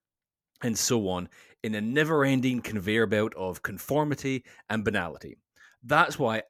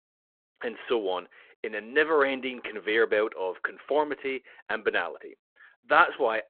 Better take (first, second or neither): first